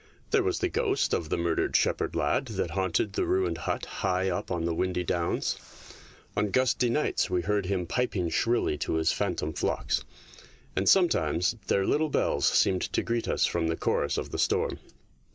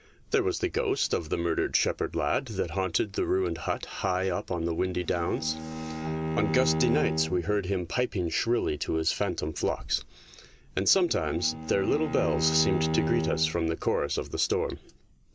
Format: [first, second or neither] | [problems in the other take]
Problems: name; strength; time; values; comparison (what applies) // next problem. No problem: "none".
first | background sound (Bowed string instrument); 4 dB below the speech